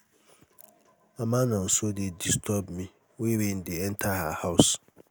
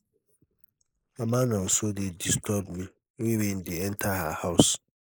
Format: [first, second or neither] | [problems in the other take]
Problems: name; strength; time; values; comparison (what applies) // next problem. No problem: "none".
first | noise reduction (neural mask model Resemble Enhance denoiser)